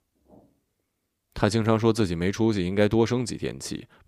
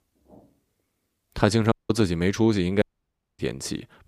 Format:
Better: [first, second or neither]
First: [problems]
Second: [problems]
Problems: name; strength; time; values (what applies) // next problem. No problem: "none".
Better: first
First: none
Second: audio cutting out; at 1.5 s and at 3 s for 0.5 s